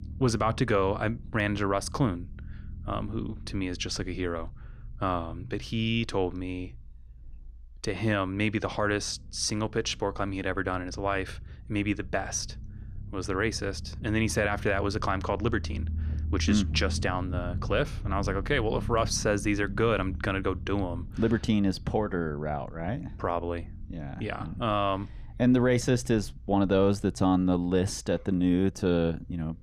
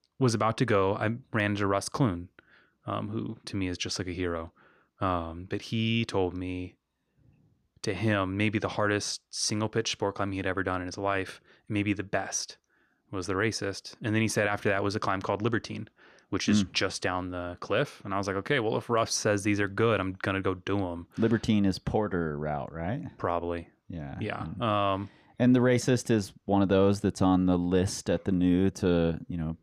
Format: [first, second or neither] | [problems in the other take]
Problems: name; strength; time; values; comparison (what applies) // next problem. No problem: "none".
second | low rumble; faint; throughout; 25 dB below the speech